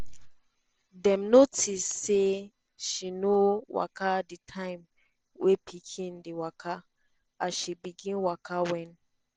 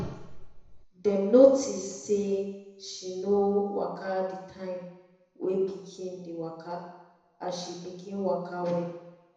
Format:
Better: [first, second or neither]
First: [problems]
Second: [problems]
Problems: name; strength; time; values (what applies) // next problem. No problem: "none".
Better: first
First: none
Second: room echo; dies away in 1 s